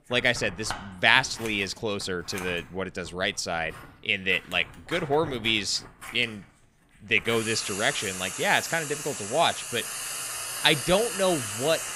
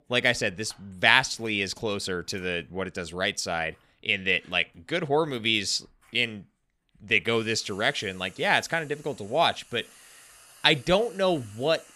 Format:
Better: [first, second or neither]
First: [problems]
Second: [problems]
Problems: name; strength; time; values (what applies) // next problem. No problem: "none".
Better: second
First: household noises; loud; throughout; 8 dB below the speech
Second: household noises; faint; throughout; 25 dB below the speech